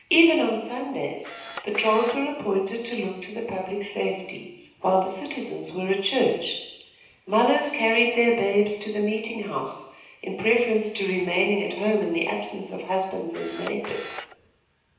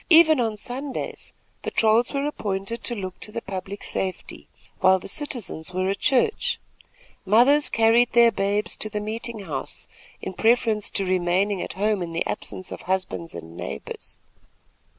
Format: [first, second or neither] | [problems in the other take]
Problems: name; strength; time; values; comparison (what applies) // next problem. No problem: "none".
second | background sound (Camera); 13 dB below the speech // room echo; dies away in 0.9 s